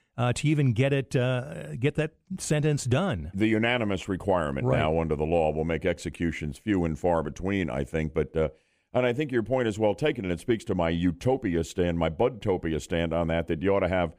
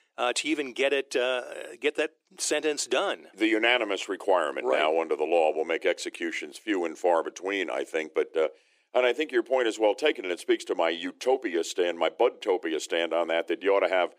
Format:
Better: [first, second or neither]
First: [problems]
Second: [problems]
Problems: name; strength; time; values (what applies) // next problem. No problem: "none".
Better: first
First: none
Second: thin; very; fading below 350 Hz